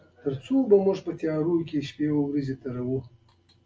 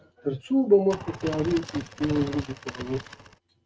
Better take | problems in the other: first | noise reduction (neural mask model RNNoise)

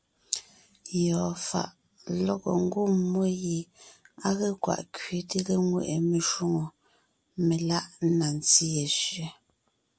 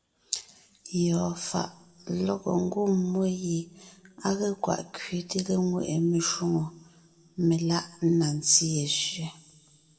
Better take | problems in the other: first | room echo; dies away in 2.2 s

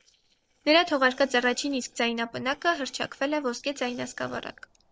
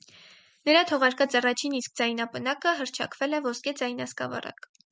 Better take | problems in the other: second | noise reduction (neural separator model SepFormer DNS4)

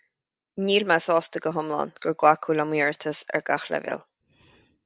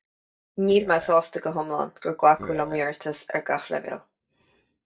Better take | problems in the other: first | noise reduction (neural mask model DeepFilterNet 3)

